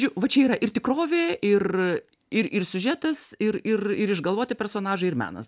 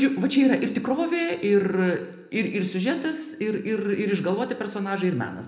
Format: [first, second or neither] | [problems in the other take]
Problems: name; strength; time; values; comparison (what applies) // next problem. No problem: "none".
first | room echo; dies away in 0.9 s